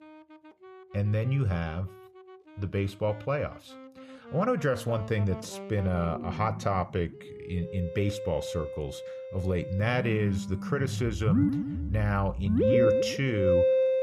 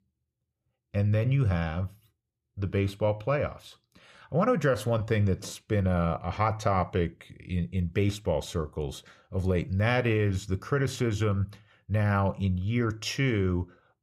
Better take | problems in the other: second | background music; loud; throughout; as loud as the speech

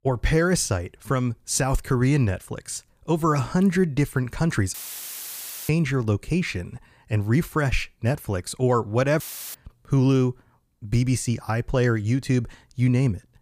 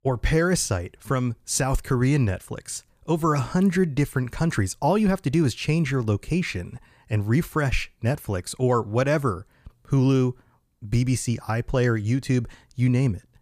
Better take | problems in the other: second | audio cutting out; filled with static; at 4.5 s for 1 s and at 9 s

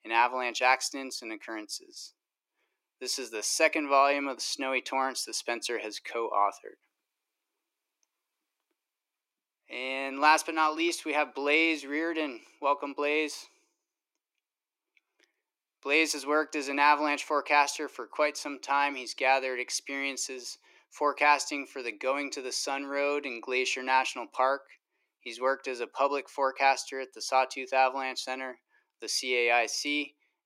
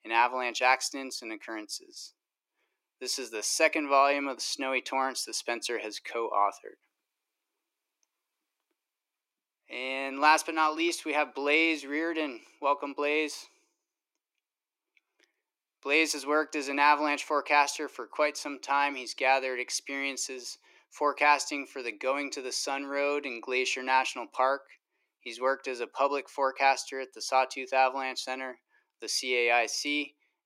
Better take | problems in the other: neither | thin; somewhat; fading below 300 Hz; the same in both

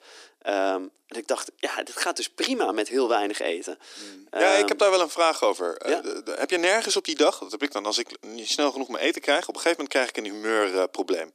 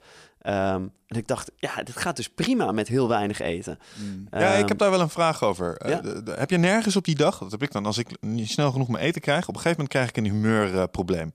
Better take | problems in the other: second | thin; somewhat; fading below 300 Hz

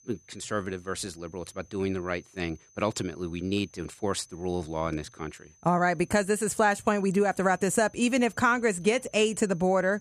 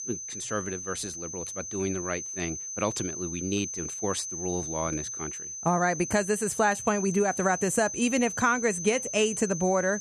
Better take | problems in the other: first | high-pitched whine; loud; throughout; 6 kHz, 6 dB below the speech; faint in the first

